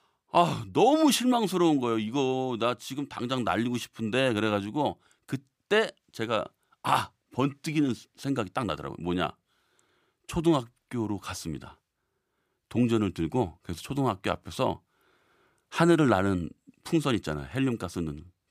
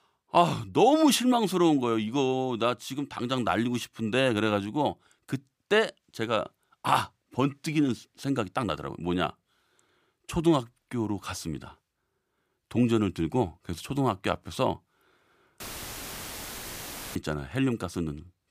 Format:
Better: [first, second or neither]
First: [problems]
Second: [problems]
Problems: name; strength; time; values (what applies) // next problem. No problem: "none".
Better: first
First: none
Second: audio cutting out; filled with static; at 16 s for 1.5 s